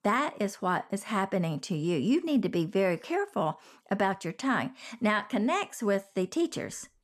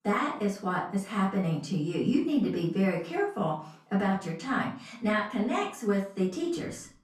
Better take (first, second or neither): first